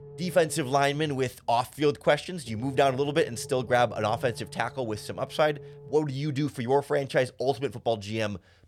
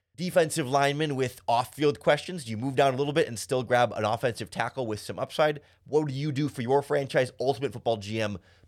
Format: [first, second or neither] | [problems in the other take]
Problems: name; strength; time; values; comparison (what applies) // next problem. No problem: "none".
second | low rumble; faint; until 6 s; 20 dB below the speech